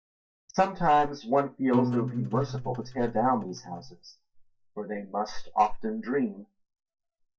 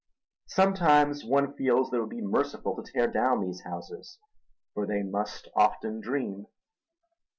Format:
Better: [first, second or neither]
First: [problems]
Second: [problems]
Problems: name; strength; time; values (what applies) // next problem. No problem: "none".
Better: second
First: noise reduction (neural mask model DeepFilterNet 3)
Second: none